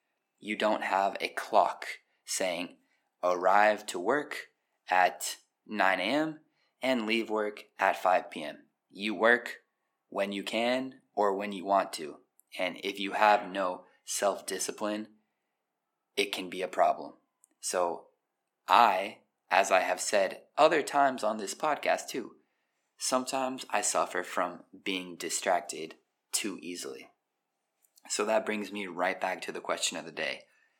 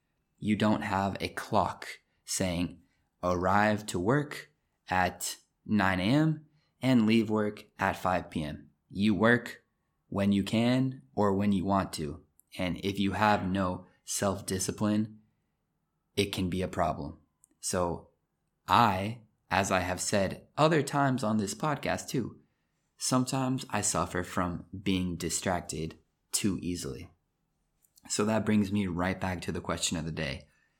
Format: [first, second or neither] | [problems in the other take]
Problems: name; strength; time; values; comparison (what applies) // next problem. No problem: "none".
second | thin; somewhat; fading below 300 Hz